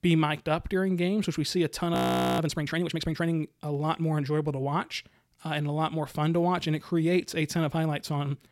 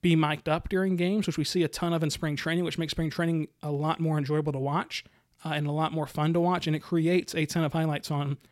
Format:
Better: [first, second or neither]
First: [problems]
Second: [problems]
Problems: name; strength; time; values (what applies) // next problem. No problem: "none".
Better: second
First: audio freezing; at 2 s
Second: none